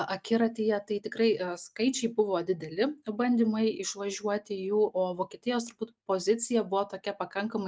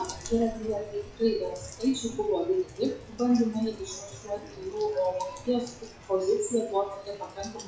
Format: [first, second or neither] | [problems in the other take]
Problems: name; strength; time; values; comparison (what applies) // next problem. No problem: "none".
first | noise reduction (classical method WPE with log-MMSE)